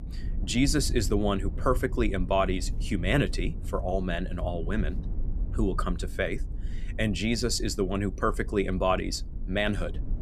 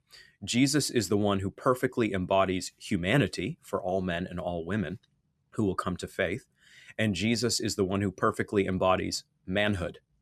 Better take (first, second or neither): second